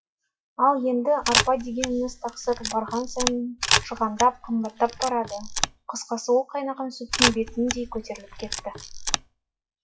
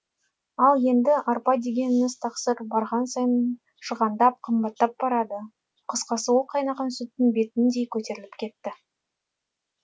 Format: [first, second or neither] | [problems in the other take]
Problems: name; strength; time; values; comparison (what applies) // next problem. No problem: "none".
second | noise reduction (classical method WPE with log-MMSE)